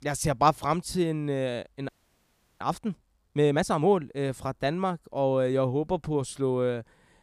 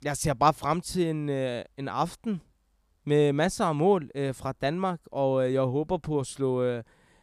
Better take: second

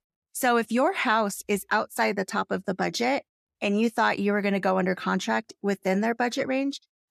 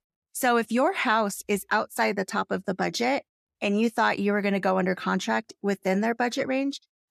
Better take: neither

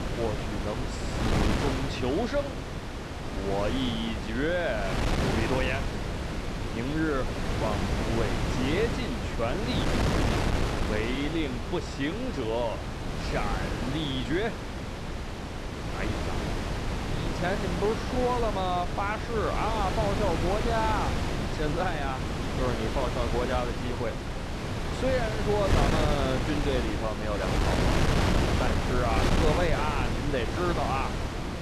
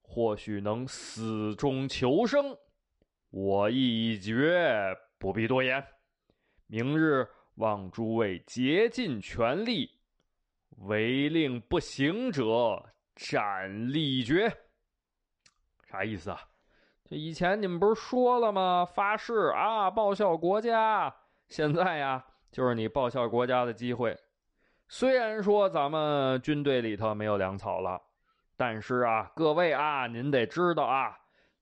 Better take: second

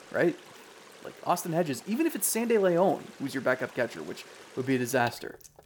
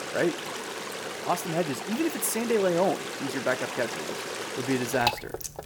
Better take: first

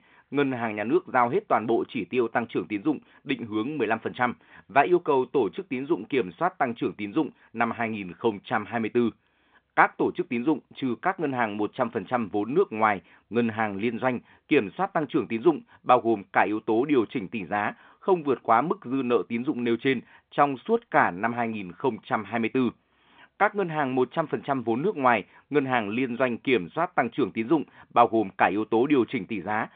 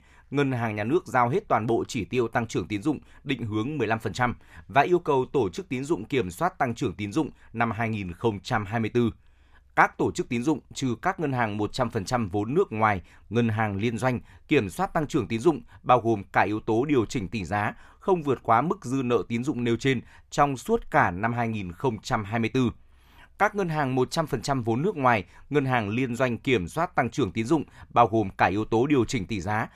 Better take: second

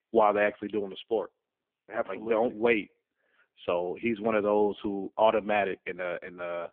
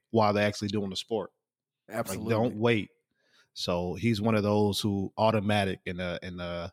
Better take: second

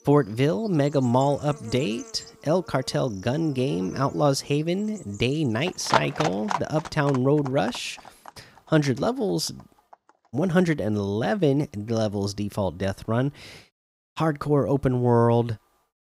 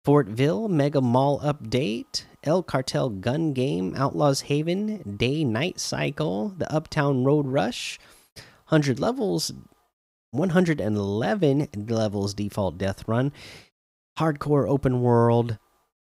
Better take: second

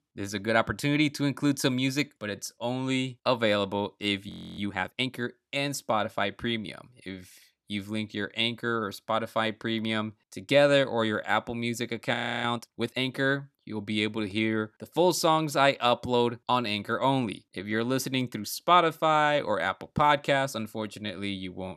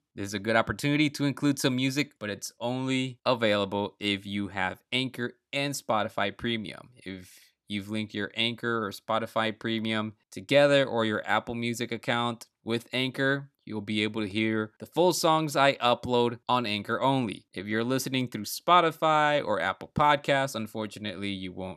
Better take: second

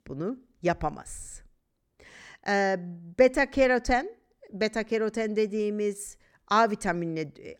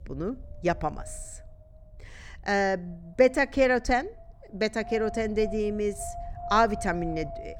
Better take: first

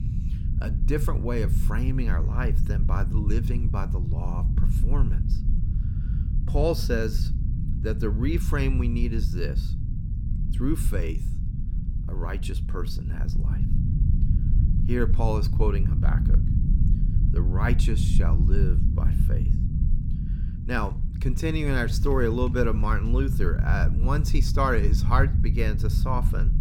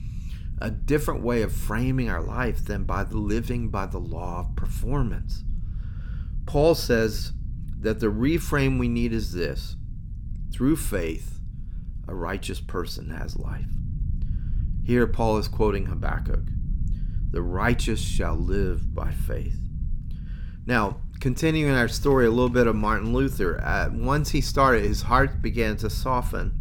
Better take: second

